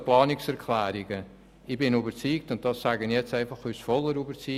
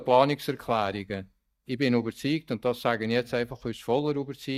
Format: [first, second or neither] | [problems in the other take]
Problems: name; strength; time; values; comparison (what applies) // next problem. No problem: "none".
first | noise reduction (neural mask model DeepFilterNet 3)